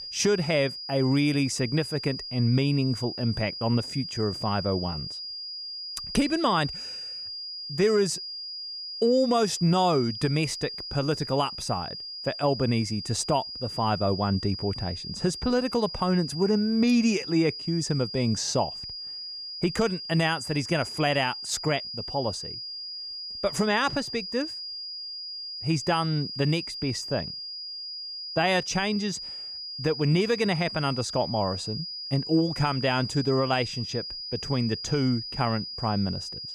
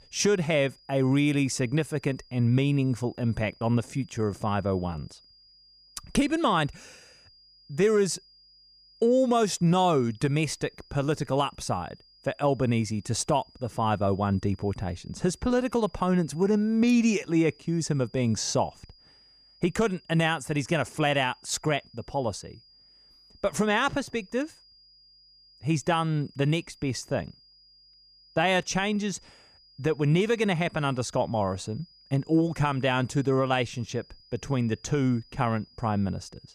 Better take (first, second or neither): second